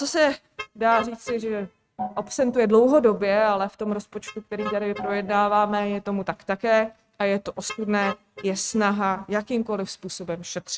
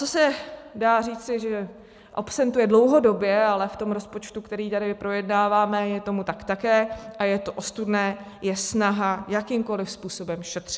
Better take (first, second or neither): second